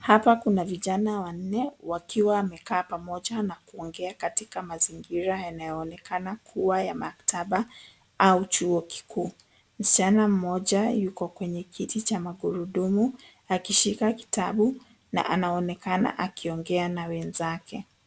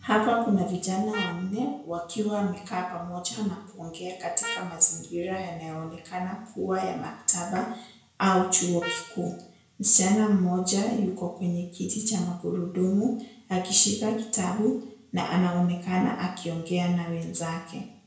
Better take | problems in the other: first | background sound (Trumpet); 12 dB below the speech // room echo; dies away in 0.5 s

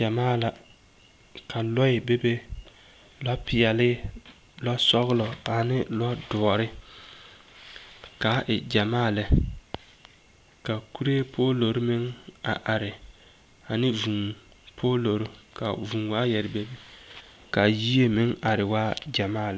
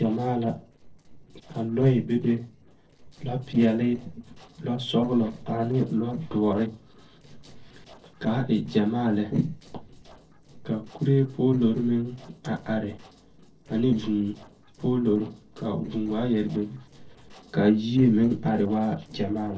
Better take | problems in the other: first | noise reduction (neural separator model SepFormer DNS4)

